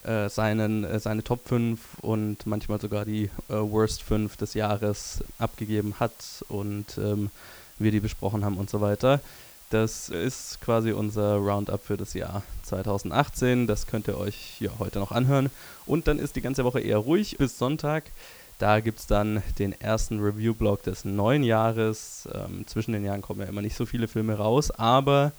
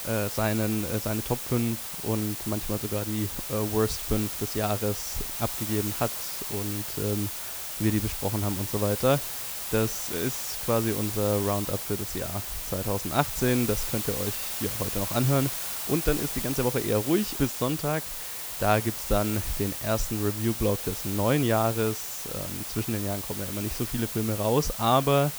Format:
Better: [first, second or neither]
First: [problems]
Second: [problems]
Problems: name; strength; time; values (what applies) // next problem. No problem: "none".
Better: first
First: hiss; faint; throughout; 20 dB below the speech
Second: hiss; loud; throughout; 3 dB below the speech